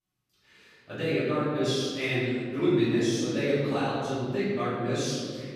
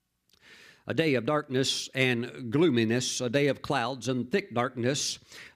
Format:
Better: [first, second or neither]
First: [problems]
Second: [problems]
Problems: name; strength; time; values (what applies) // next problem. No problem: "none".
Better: second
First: off-mic speech; far // room echo; strong; dies away in 2.2 s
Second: none